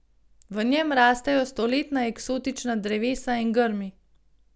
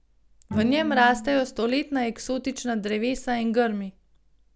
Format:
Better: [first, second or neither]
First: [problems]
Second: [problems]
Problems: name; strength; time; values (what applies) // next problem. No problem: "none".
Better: first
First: none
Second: background sound (Bowed string instrument); 10 dB below the speech